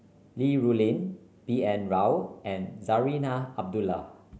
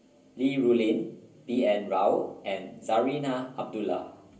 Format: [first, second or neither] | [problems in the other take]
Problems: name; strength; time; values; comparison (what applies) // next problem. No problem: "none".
first | room echo; dies away in 0.3 s